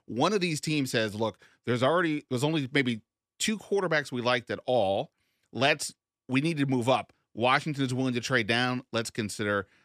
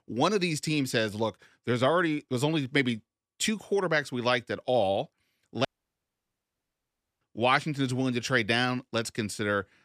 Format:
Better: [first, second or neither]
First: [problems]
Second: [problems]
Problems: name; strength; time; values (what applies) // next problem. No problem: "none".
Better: first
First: none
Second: audio cutting out; at 5.5 s for 1.5 s